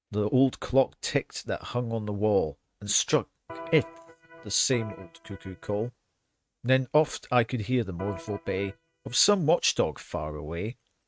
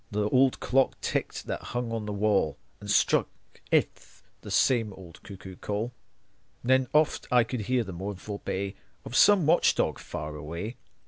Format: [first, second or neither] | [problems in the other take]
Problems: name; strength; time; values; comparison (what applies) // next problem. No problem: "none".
second | noise reduction (neural mask model RNNoise)